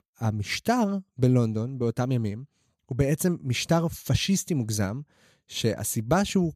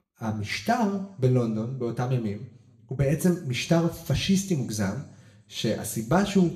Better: first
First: none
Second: room echo; slight; dies away in 0.6 s // off-mic speech; somewhat distant

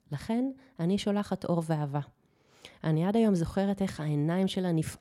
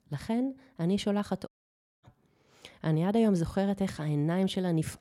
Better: first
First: none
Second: audio cutting out; at 1.5 s for 0.5 s

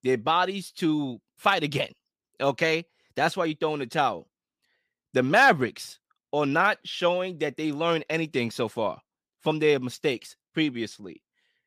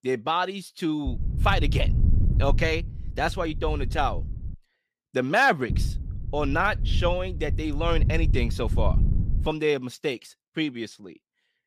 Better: first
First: none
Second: wind noise on the microphone; occasional gusts; from 1 to 4.5 s and from 5.5 to 9.5 s; 15 dB below the speech

